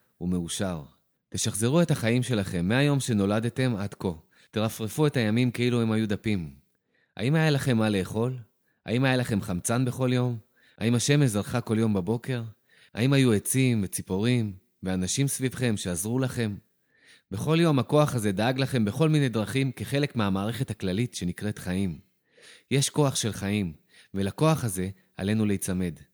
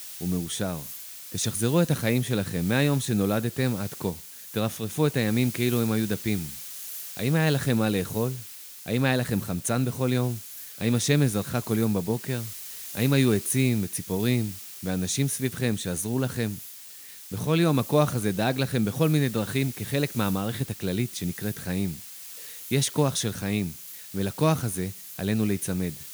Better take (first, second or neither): first